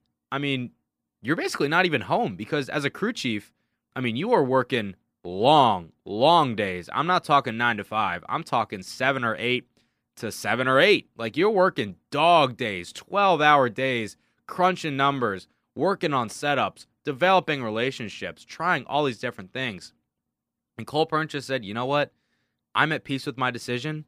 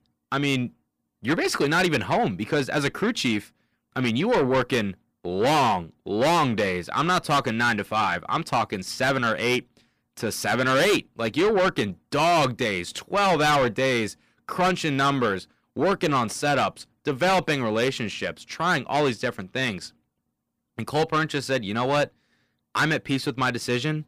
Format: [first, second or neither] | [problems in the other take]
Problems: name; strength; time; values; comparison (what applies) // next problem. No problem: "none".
first | distortion; heavy; 6 dB below the speech